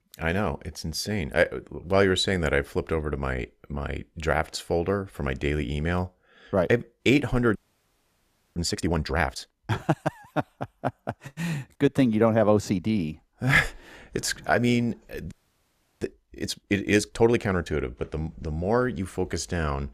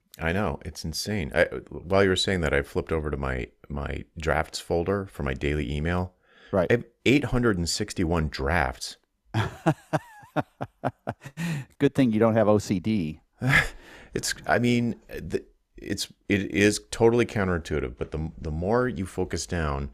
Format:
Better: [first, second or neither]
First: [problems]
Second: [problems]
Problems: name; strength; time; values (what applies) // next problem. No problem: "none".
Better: second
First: audio freezing; at 7.5 s for 1 s and at 15 s for 0.5 s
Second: none